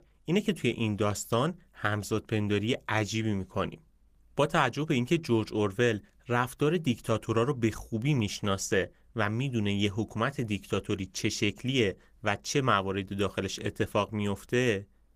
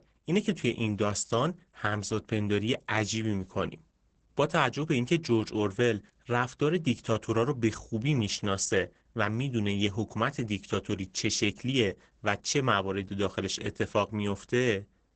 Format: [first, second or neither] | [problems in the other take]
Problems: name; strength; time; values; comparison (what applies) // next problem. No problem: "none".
first | garbled, watery; badly; nothing above 8 kHz; slightly in the first